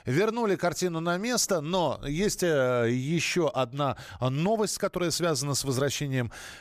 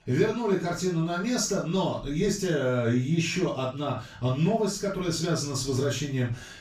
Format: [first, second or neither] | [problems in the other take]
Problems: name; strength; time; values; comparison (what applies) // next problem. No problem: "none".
first | room echo; noticeable; dies away in 0.3 s // off-mic speech; far